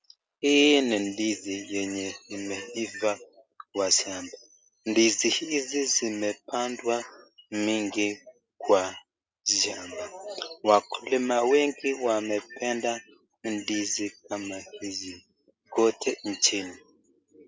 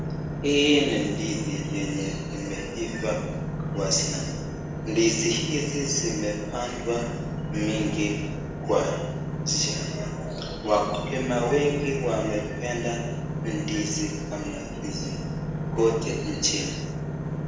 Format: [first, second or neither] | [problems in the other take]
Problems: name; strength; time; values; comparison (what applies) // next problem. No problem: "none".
first | background sound (Engine / Boat, Water vehicle); 3 dB below the speech // room echo; dies away in 0.9 s